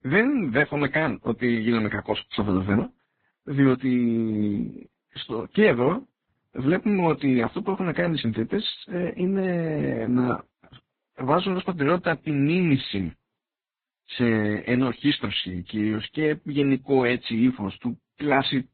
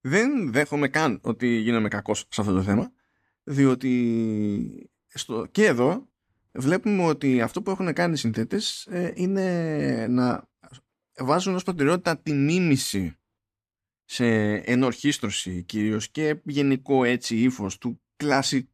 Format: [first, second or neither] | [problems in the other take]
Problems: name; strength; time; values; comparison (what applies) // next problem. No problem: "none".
second | garbled, watery; badly; nothing above 4 kHz